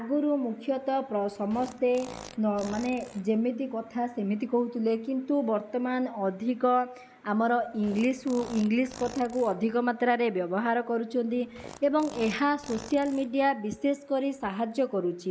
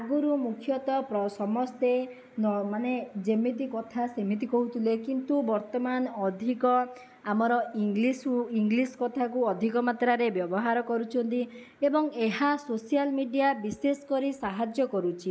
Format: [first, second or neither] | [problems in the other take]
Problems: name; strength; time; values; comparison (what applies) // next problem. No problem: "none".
second | background sound (Fart); 18 dB below the speech